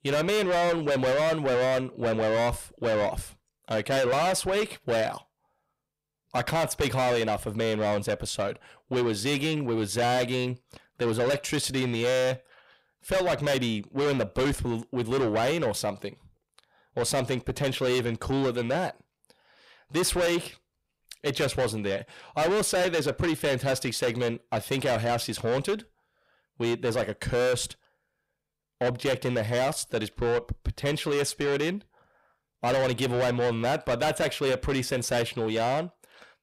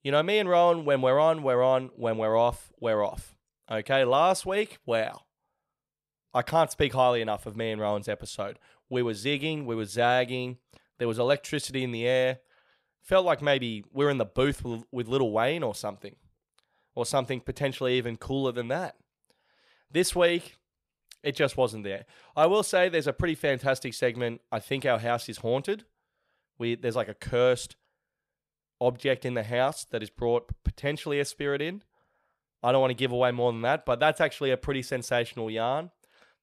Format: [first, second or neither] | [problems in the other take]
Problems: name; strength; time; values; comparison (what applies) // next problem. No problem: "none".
second | distortion; heavy; 6 dB below the speech